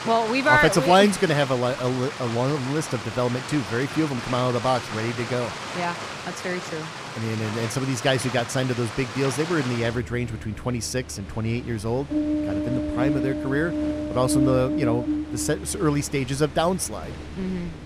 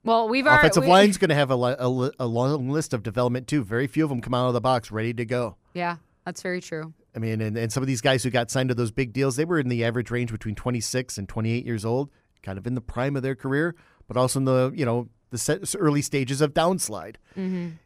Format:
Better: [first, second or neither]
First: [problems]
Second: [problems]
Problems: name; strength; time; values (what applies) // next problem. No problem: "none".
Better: second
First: rain or running water; loud; throughout; 6 dB below the speech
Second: none